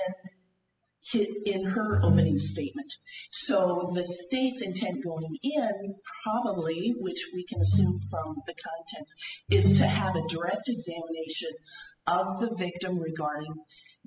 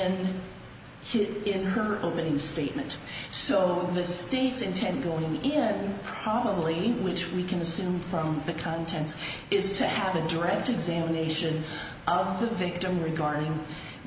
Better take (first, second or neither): second